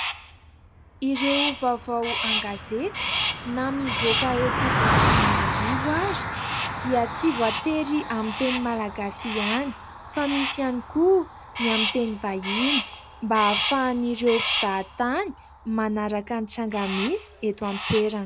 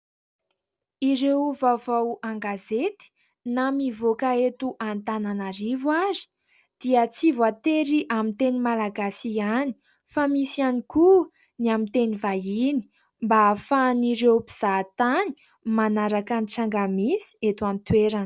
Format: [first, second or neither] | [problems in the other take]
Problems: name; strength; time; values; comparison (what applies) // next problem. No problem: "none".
second | background sound (Car passing by + Crow); 2 dB below the speech